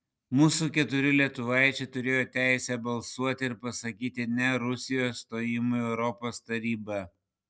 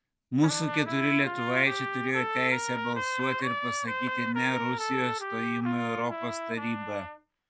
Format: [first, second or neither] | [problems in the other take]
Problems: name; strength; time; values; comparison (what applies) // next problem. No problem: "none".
first | background sound (Trumpet); 3 dB below the speech